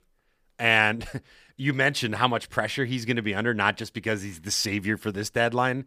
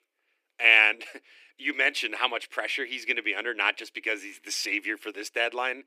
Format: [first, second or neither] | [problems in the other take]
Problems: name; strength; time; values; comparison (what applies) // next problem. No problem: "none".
first | thin; somewhat; fading below 300 Hz